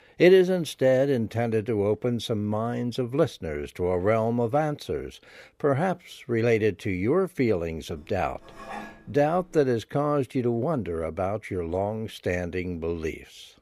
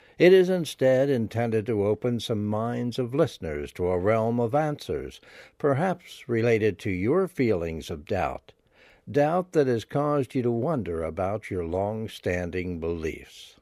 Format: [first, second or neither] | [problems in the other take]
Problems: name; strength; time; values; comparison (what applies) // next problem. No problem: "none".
second | clattering dishes; faint; from 8 to 9.5 s; peak 15 dB below the speech